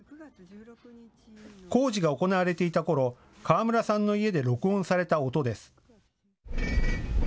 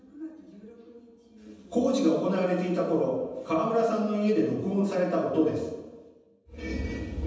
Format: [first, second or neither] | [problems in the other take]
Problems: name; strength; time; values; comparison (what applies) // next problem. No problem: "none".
first | room echo; dies away in 1.1 s